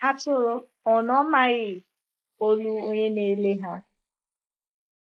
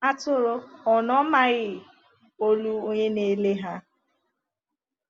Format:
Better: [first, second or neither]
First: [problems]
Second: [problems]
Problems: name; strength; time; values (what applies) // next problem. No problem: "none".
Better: second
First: noise reduction (neural mask model Resemble Enhance denoiser)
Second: none